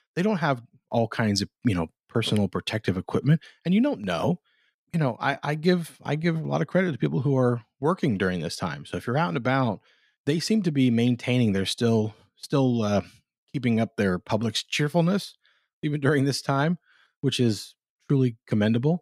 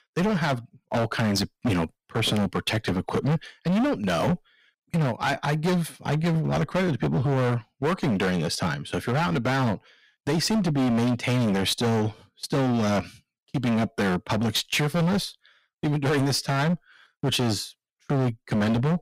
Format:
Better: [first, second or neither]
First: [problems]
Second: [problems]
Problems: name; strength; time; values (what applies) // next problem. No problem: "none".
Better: first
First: none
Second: distortion; heavy; 22% of the sound clipped